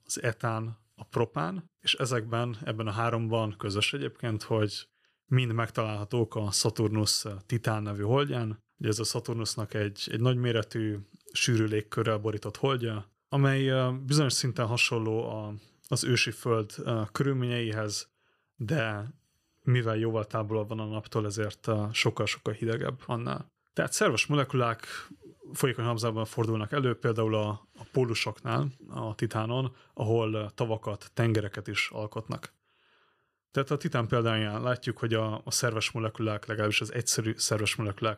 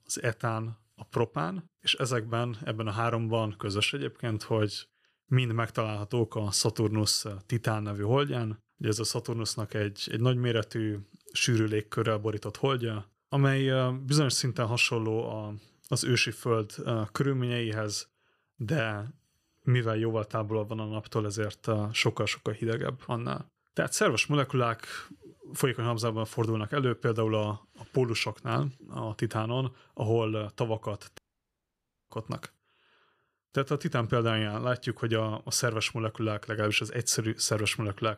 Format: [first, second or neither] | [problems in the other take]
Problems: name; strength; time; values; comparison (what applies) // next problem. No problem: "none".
first | audio cutting out; at 31 s for 1 s